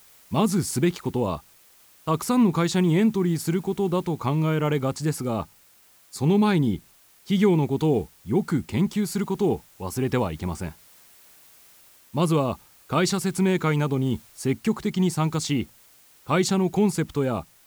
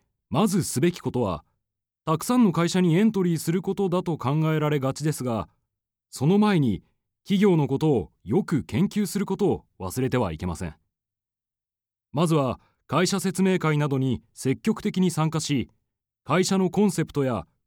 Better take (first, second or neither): second